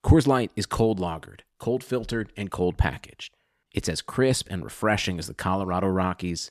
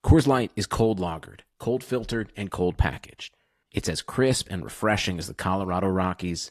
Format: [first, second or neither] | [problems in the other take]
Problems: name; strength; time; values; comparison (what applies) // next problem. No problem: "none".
first | garbled, watery; slightly; nothing above 13.5 kHz